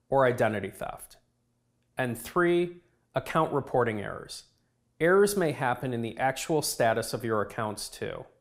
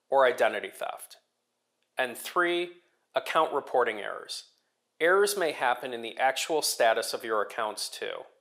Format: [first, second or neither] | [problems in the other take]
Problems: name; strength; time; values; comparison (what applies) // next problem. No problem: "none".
first | thin; very; fading below 550 Hz